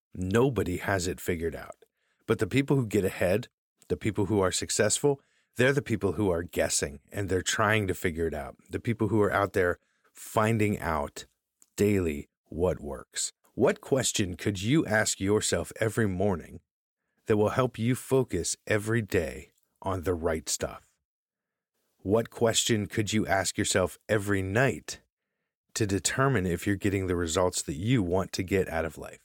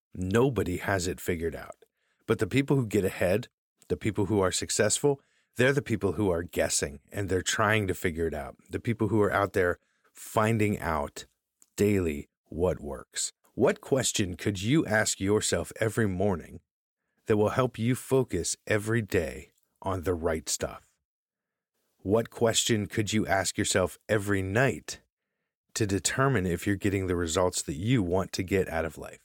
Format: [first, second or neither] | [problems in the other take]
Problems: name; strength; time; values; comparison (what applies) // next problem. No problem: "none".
neither | none